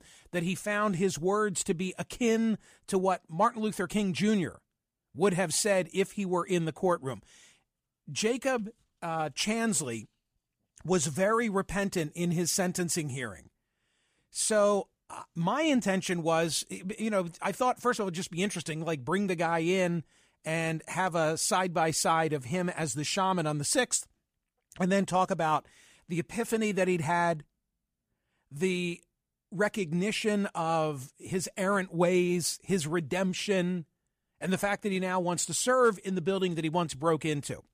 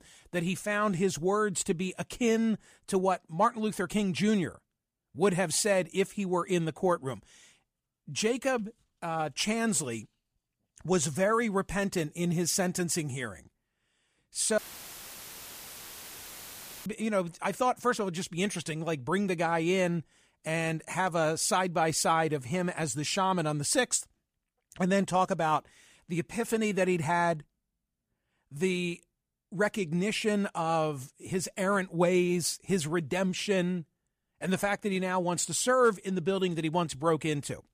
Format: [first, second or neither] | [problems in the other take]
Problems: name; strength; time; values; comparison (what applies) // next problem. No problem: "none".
first | audio cutting out; filled with static; at 15 s for 2.5 s